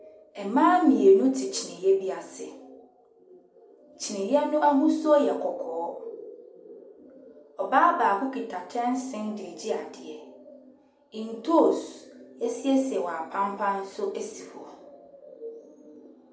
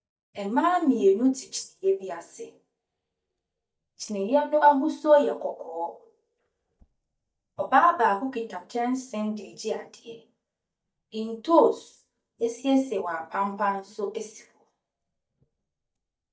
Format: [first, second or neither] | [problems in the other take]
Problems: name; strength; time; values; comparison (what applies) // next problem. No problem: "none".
first | noise reduction (neural mask model DeepFilterNet 3)